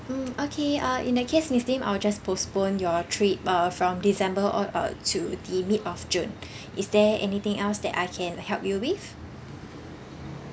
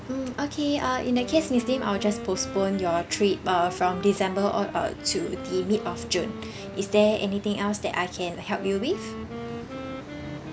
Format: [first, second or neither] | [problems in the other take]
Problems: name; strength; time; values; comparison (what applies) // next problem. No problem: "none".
first | background sound (Wind instrument, woodwind instrument); 12 dB below the speech